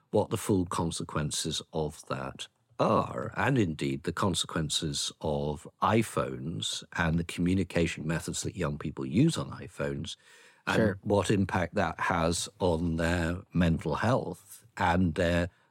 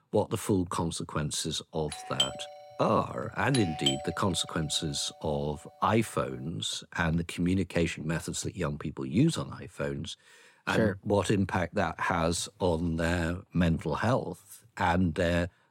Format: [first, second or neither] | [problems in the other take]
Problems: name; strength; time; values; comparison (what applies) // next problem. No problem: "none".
first | doorbell; loud; from 2 to 4 s; peak 1 dB above the speech